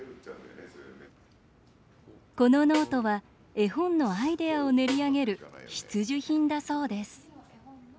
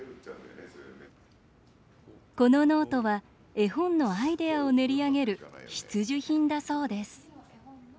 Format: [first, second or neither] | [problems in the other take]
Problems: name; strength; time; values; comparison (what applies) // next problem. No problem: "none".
second | background sound (Snare drum); 13 dB below the speech